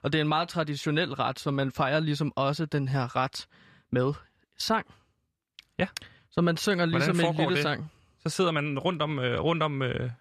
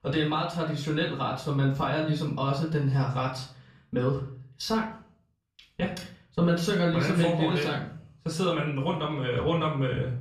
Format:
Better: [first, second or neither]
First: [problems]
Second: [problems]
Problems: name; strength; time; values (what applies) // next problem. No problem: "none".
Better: first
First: none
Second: off-mic speech; far // room echo; slight; dies away in 0.4 s